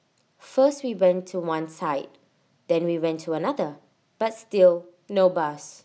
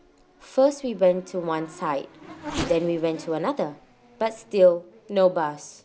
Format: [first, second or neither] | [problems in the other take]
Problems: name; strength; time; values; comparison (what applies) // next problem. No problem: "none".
first | background sound (Race car, auto racing / Accelerating, revving, vroom); 16 dB below the speech